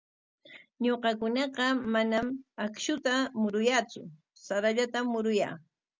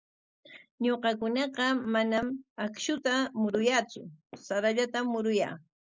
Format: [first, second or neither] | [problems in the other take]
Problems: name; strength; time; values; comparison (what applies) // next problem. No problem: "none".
first | noise reduction (neural mask model Resemble Enhance denoiser)